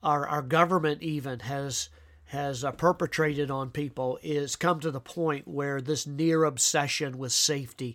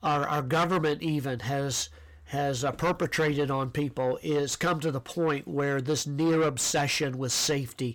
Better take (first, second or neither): first